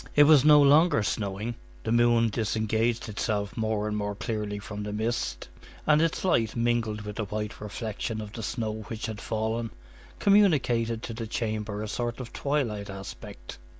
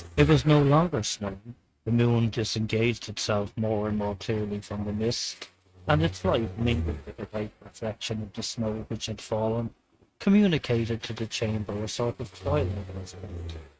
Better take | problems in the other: first | noise reduction (neural mask model RNNoise)

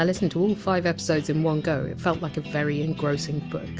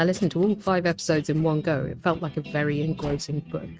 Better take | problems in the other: first | noise reduction (neural mask model RNNoise)

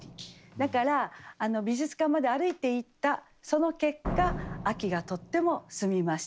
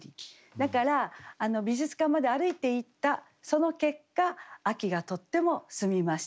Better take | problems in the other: second | background sound (Slam); 12 dB below the speech

